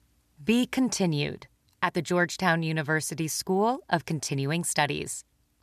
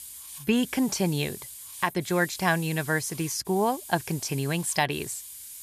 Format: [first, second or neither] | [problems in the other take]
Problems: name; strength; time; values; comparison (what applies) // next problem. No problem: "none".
first | hiss; noticeable; throughout; 10 dB below the speech